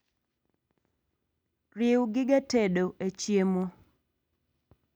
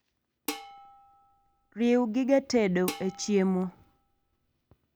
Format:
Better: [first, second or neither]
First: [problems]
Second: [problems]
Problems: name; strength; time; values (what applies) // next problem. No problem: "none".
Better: first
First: none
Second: background sound (Dishes, pots, and pans); 15 dB below the speech